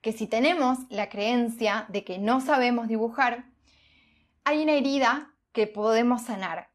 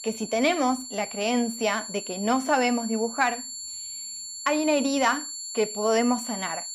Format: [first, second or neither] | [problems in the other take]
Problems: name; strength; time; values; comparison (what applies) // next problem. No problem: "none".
first | high-pitched whine; loud; throughout; 7.5 kHz, 8 dB below the speech